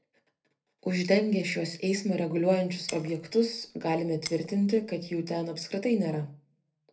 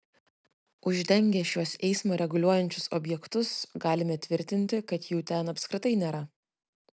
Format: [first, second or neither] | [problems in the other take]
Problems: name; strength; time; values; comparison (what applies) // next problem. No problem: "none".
second | background sound (Shatter); 17 dB below the speech // room echo; dies away in 0.3 s